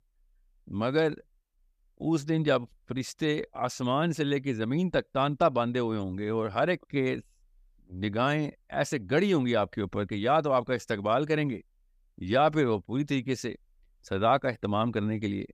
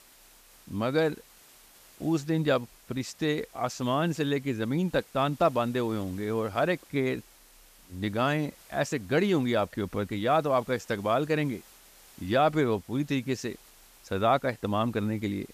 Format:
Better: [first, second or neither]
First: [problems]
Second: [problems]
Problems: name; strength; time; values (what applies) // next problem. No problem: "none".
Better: first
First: none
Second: hiss; faint; throughout; 25 dB below the speech